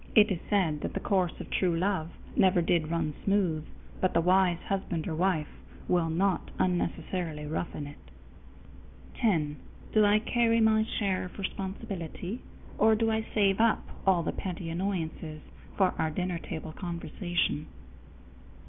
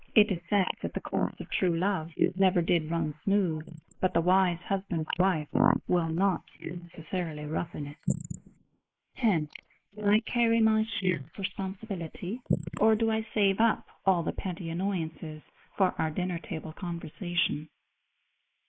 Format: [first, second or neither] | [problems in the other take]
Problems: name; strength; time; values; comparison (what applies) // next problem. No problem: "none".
first | noise reduction (neural mask model Resemble Enhance denoiser)